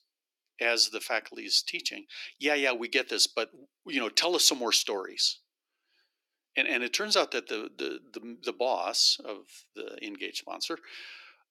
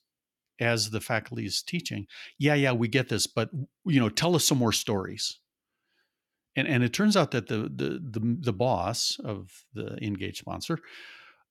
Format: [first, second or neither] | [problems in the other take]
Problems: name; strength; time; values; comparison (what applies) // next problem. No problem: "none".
second | thin; somewhat; fading below 300 Hz